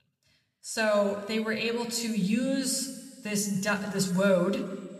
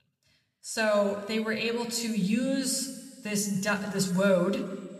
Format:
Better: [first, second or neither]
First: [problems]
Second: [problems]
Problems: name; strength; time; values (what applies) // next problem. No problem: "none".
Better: neither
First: room echo; slight; dies away in 1.6 s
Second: room echo; slight; dies away in 1.6 s